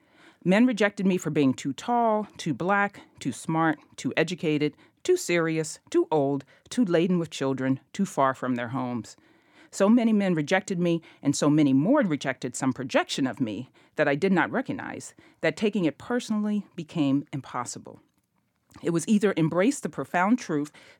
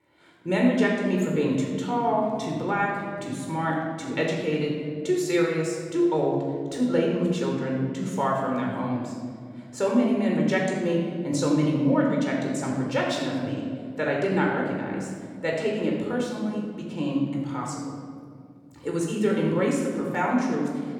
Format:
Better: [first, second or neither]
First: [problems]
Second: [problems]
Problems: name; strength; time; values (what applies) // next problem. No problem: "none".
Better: first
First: none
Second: room echo; noticeable; dies away in 1.9 s // off-mic speech; somewhat distant